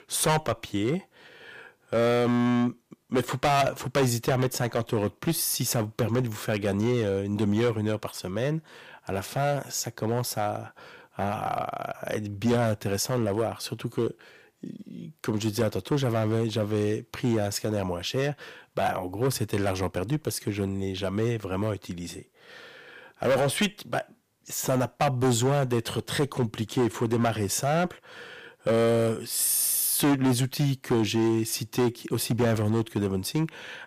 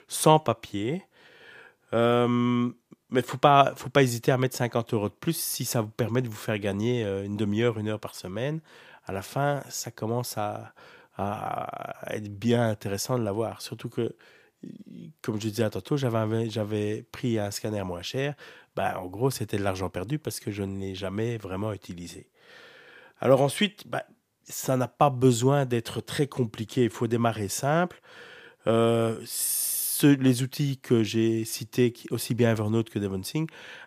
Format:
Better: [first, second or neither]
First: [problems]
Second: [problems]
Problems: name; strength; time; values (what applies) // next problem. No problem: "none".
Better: second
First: distortion; heavy; 7% of the sound clipped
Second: none